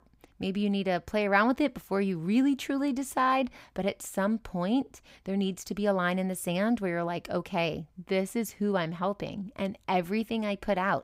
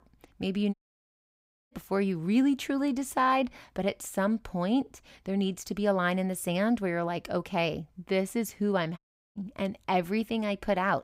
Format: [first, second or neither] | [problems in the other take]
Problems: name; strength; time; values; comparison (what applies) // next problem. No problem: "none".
first | audio cutting out; at 0.5 s for 1 s and at 9 s